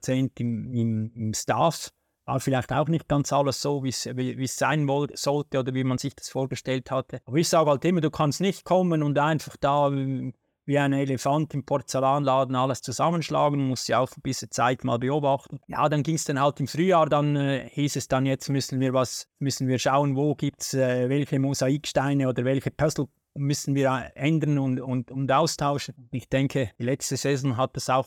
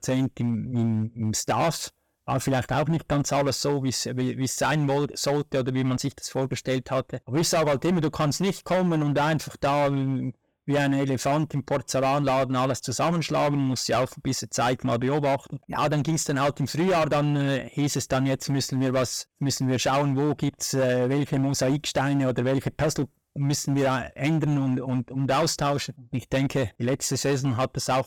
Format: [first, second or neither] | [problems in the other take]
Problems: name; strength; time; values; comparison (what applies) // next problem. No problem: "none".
first | distortion; slight; 13% of the sound clipped